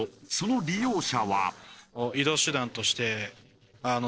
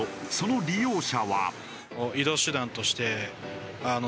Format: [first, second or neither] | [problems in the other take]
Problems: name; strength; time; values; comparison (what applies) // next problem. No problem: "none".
second | noise reduction (neural separator model SepFormer DNS4)